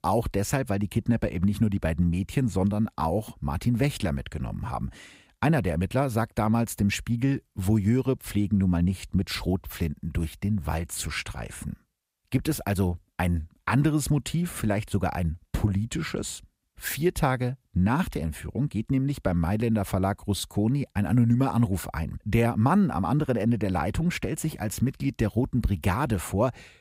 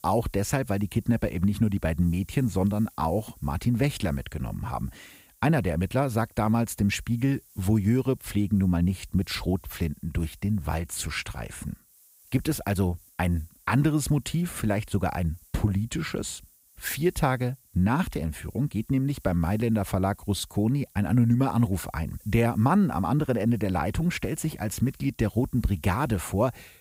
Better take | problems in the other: first | hiss; faint; throughout; 25 dB below the speech

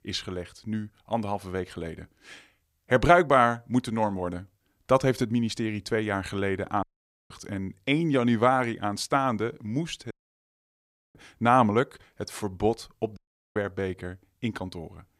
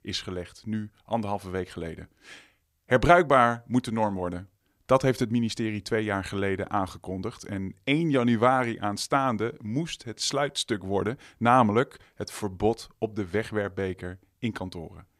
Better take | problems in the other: second | audio cutting out; at 7 s, at 10 s for 1 s and at 13 s

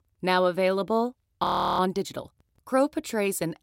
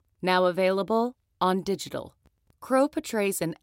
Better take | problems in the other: second | audio freezing; at 1.5 s

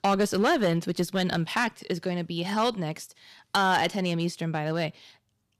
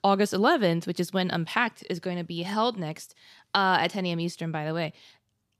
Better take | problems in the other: second | distortion; slight; 5% of the sound clipped

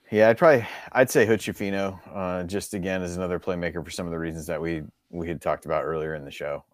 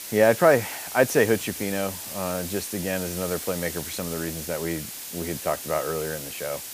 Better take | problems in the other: first | hiss; loud; throughout; 7 dB below the speech

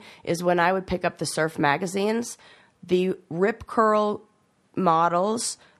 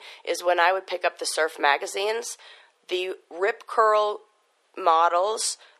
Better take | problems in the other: first | thin; very; fading below 400 Hz

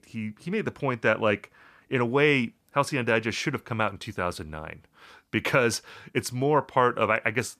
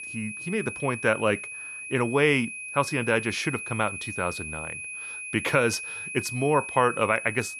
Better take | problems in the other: first | high-pitched whine; loud; throughout; 2.5 kHz, 8 dB below the speech

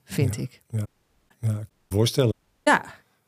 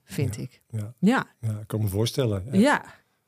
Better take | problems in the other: second | audio cutting out; at 1 s, at 1.5 s and at 2.5 s

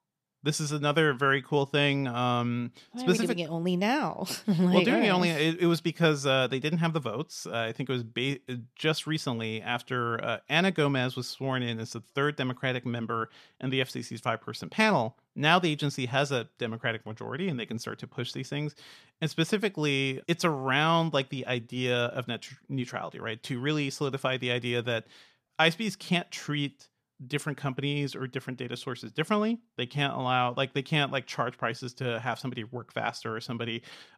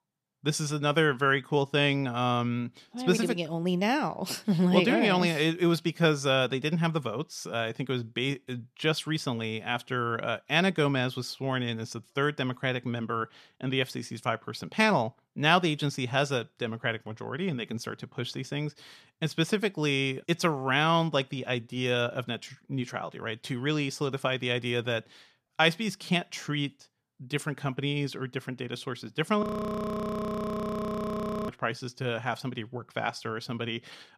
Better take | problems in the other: first | audio freezing; at 29 s for 2 s

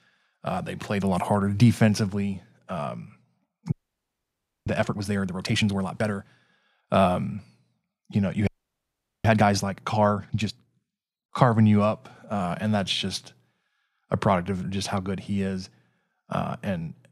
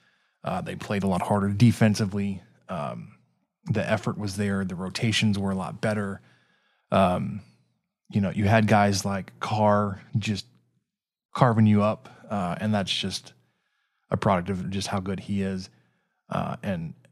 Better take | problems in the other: second | audio freezing; at 3.5 s for 1 s and at 8.5 s for 1 s

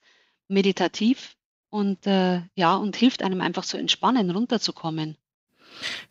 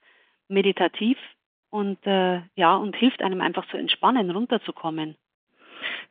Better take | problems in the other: first | phone-call audio; nothing above 3.5 kHz

